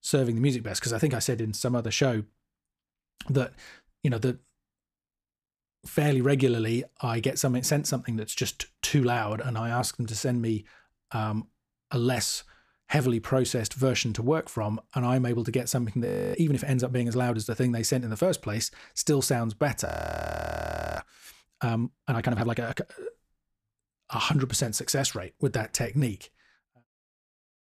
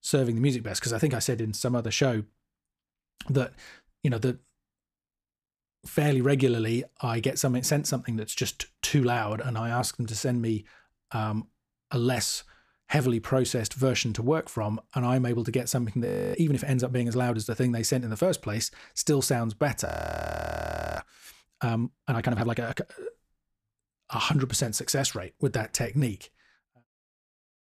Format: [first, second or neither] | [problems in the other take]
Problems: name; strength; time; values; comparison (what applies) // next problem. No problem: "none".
neither | audio freezing; at 16 s and at 20 s for 1 s; the same in both